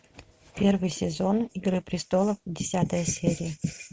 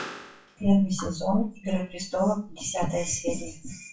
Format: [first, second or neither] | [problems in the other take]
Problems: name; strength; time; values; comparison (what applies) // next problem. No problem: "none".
first | noise reduction (classical method WPE with log-MMSE)